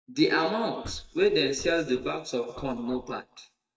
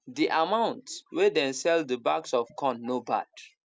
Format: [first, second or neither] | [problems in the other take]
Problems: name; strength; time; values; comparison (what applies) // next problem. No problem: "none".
second | noise reduction (neural mask model DeepFilterNet 3)